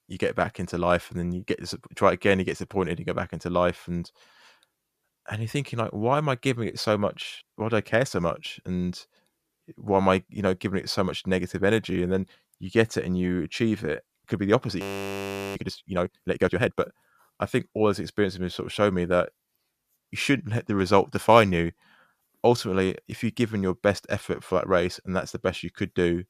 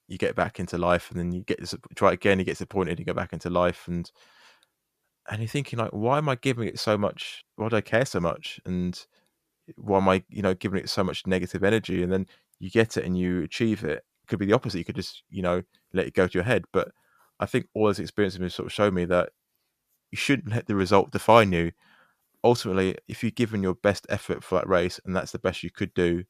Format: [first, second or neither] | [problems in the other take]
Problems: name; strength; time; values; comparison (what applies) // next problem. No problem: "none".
second | audio freezing; at 15 s for 1 s